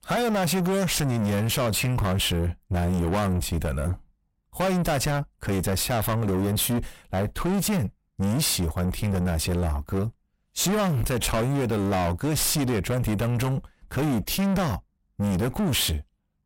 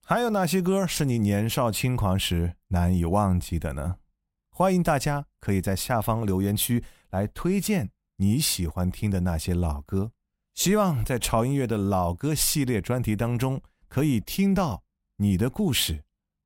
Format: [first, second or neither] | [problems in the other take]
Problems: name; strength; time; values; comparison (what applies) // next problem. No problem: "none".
second | distortion; heavy; 6 dB below the speech